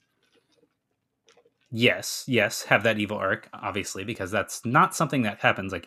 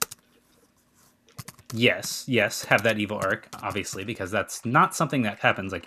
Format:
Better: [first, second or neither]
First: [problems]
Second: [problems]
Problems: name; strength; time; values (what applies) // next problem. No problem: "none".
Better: first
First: none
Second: household noises; noticeable; throughout; 20 dB below the speech